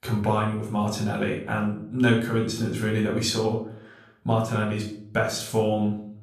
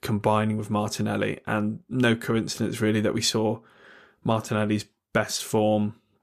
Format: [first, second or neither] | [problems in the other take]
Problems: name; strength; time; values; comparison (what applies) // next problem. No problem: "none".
second | off-mic speech; somewhat distant // room echo; slight; dies away in 0.5 s